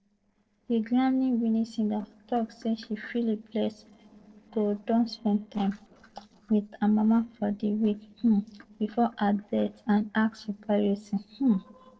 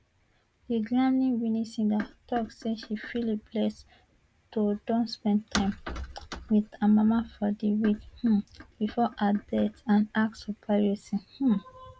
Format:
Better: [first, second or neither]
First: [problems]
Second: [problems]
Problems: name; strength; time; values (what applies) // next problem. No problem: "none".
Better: second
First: noise reduction (neural separator model SepFormer DNS4)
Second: none